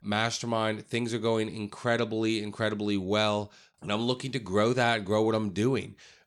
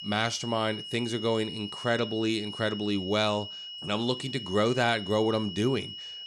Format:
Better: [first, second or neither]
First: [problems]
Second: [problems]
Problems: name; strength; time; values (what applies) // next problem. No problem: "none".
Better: first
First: none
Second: high-pitched whine; loud; throughout; 3 kHz, 9 dB below the speech